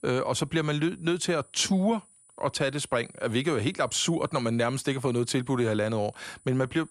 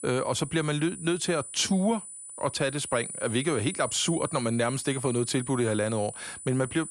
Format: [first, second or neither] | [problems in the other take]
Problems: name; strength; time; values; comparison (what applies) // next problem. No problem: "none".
first | high-pitched whine; loud; throughout; 9.5 kHz, 9 dB below the speech; faint in the first